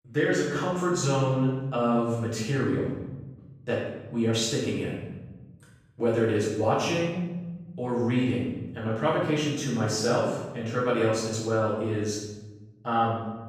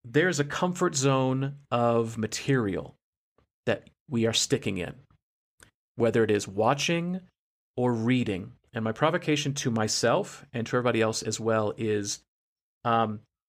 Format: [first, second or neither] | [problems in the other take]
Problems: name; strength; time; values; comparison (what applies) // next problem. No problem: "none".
second | off-mic speech; far // room echo; noticeable; dies away in 1.2 s